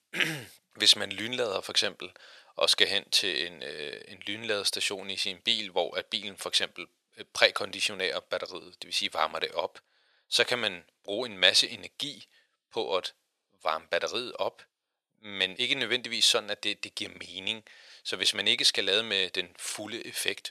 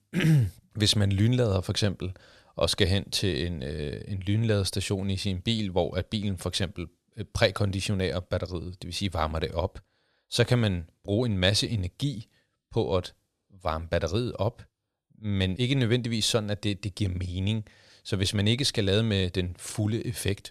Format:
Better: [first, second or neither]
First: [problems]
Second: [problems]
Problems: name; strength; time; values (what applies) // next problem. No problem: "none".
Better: second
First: thin; very; fading below 550 Hz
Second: none